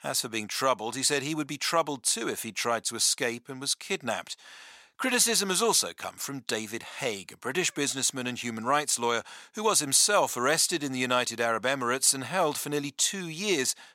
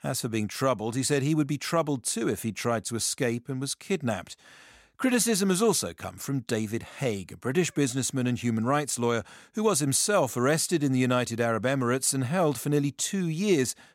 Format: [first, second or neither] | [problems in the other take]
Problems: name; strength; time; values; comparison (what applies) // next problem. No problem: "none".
second | thin; somewhat; fading below 700 Hz